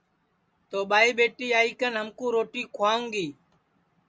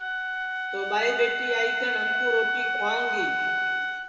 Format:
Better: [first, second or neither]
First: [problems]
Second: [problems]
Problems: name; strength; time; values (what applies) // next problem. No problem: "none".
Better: first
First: none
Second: background sound (Wind instrument, woodwind instrument); 3 dB above the speech // room echo; dies away in 2.1 s